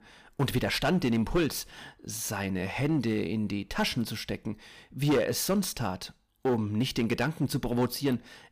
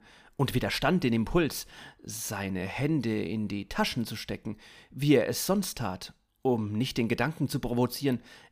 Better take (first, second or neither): second